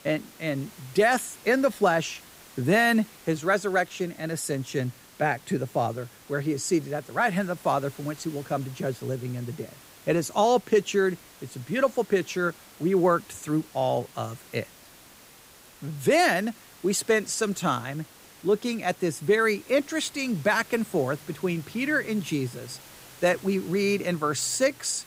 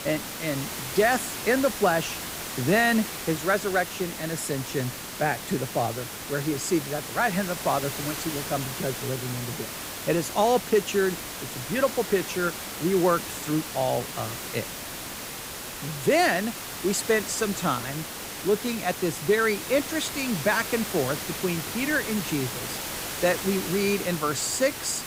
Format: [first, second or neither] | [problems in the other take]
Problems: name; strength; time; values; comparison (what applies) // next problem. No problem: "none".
first | hiss; loud; throughout; 6 dB below the speech; faint in the first